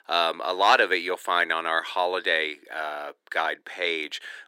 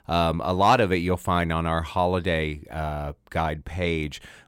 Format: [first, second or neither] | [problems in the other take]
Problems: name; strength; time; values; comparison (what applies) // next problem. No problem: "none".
second | thin; very; fading below 350 Hz